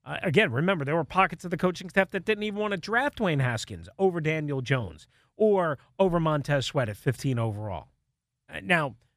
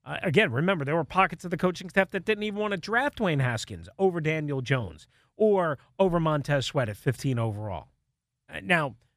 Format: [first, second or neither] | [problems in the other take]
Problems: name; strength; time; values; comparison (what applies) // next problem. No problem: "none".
neither | none